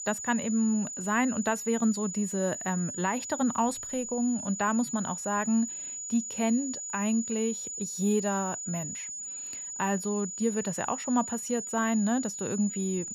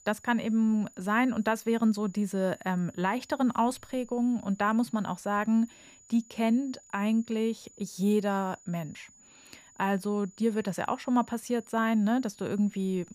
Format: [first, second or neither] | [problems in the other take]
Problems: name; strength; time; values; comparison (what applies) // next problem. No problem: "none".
second | high-pitched whine; loud; throughout; 7 kHz, 5 dB below the speech; faint in the second